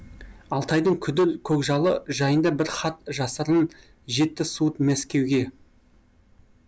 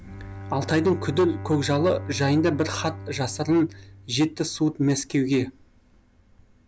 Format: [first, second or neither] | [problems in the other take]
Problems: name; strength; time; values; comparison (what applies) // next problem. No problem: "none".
first | background sound (Bowed string instrument); 13 dB below the speech